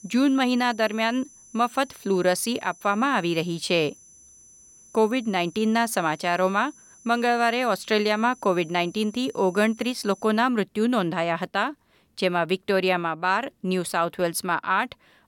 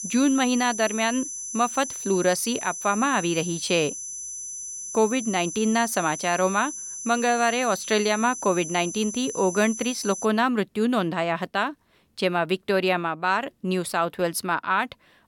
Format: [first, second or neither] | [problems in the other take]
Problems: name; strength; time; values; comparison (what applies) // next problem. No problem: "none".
first | high-pitched whine; loud; until 10 s; 6 kHz, 8 dB below the speech; faint in the first